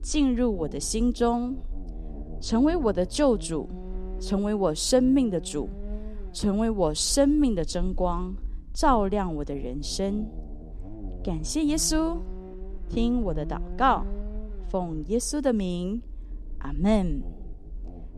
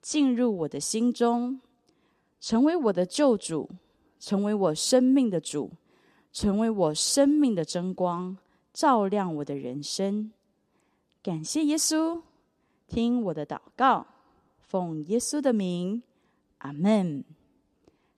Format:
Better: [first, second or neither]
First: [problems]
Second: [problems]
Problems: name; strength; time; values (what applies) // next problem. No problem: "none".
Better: second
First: low rumble; faint; throughout; 20 dB below the speech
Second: none